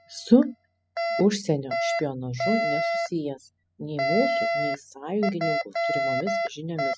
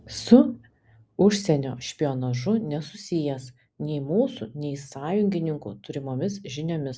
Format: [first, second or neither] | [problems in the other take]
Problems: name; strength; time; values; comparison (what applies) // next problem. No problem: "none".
second | noise reduction (classical method spectral subtraction)